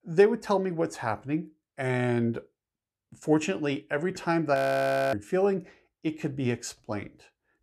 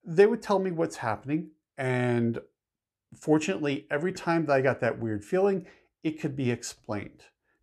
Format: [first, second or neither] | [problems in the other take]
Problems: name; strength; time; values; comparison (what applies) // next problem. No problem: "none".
second | audio freezing; at 4.5 s for 0.5 s